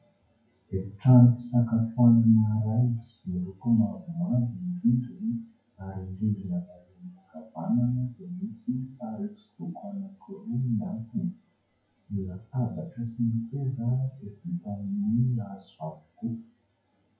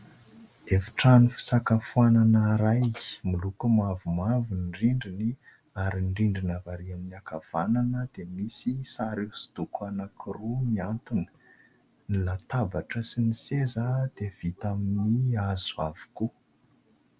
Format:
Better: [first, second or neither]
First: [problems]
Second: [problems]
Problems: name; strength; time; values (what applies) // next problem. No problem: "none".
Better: second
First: noise reduction (classical method WPE with log-MMSE)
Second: none